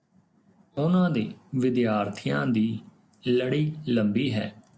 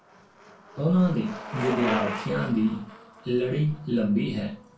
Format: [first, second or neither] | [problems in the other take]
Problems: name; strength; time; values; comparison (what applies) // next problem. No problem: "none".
first | background sound (Bicycle); 10 dB below the speech // room echo; dies away in 0.2 s